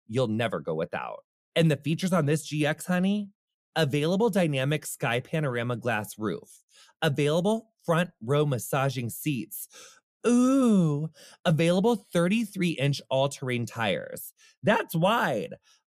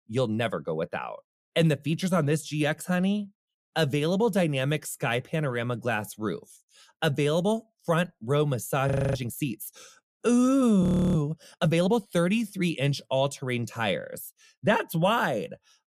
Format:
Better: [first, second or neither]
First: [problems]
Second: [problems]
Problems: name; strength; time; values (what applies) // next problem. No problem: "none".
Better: first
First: none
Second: audio freezing; at 9 s and at 11 s